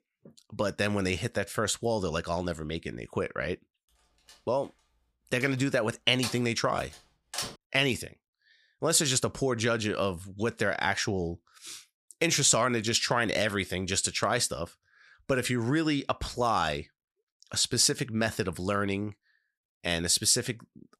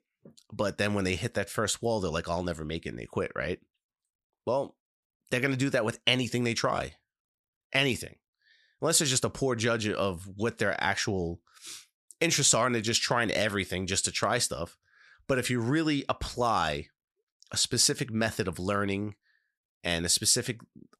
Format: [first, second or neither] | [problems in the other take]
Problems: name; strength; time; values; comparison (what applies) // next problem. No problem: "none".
second | door banging; noticeable; from 5.5 to 7.5 s; peak 7 dB below the speech